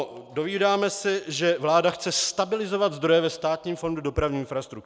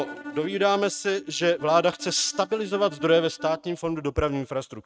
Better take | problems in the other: first | noise reduction (neural mask model RNNoise)

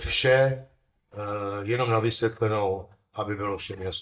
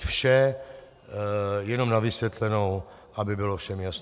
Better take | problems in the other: second | noise reduction (neural mask model DeepFilterNet 3)

